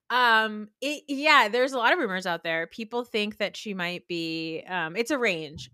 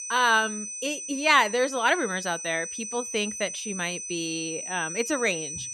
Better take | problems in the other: first | high-pitched whine; loud; throughout; 6 kHz, 7 dB below the speech

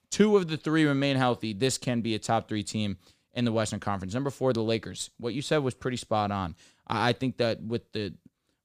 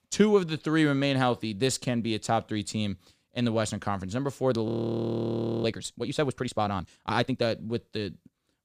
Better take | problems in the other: first | audio freezing; at 4.5 s for 1 s

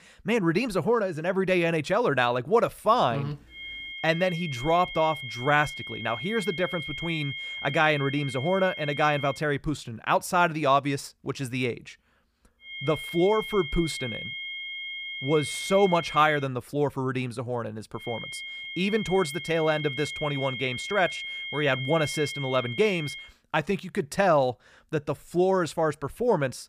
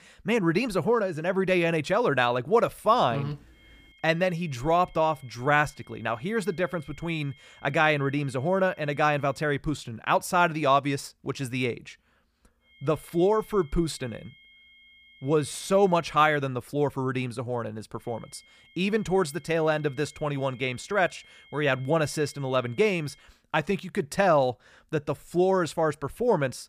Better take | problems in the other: second | high-pitched whine; loud; from 3.5 to 9.5 s, from 13 to 16 s and from 18 to 23 s; 2 kHz, 8 dB below the speech; faint in the second

